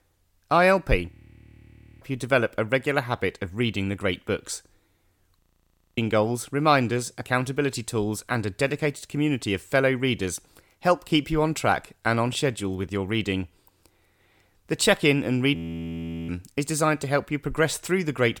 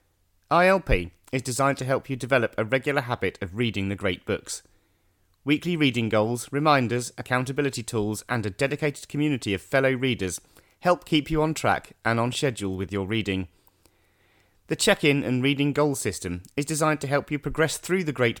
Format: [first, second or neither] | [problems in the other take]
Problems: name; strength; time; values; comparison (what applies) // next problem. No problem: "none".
second | audio freezing; at 1 s for 1 s, at 5.5 s for 0.5 s and at 16 s for 0.5 s